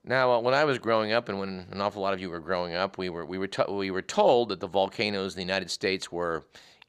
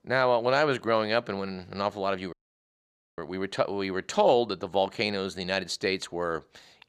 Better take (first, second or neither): first